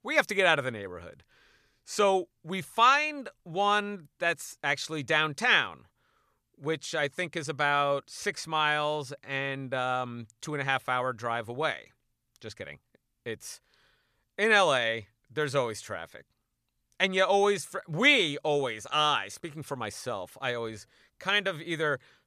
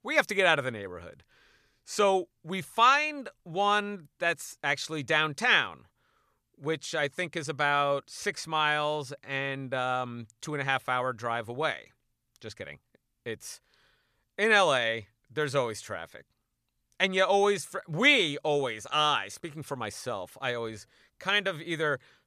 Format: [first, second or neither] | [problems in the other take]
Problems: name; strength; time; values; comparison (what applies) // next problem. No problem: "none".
neither | none